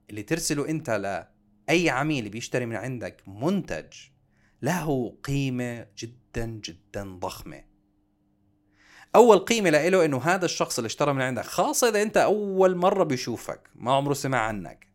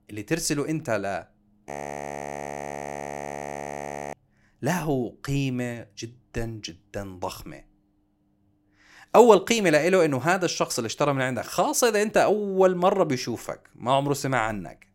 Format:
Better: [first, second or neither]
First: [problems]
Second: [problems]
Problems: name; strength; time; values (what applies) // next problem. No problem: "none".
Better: first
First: none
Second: audio freezing; at 1.5 s for 2.5 s